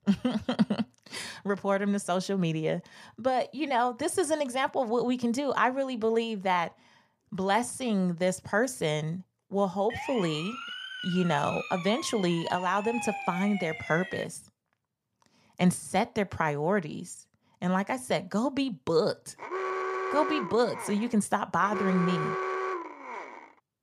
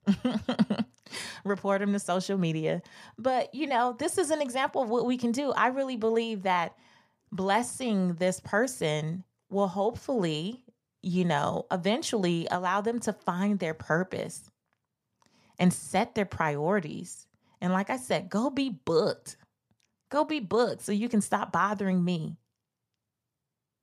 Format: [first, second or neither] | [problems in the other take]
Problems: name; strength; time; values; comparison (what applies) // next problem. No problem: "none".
second | siren; noticeable; from 10 to 14 s; peak 6 dB below the speech // alarm; noticeable; from 19 s on; peak 2 dB below the speech